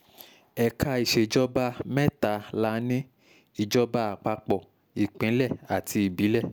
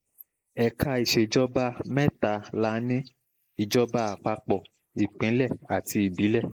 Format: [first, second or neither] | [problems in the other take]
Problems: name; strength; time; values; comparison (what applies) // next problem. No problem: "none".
first | noise reduction (neural mask model Resemble Enhance denoiser)